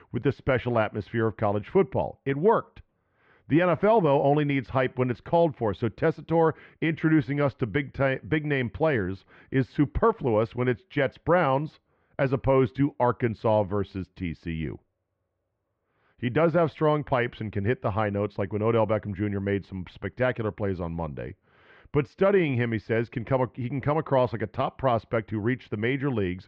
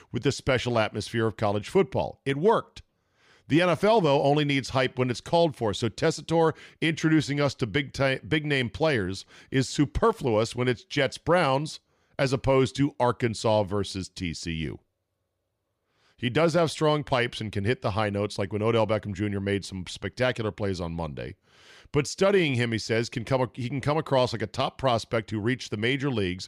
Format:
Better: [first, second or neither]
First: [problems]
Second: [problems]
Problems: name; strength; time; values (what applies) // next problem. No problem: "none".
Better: second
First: muffled; very; fading above 2 kHz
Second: none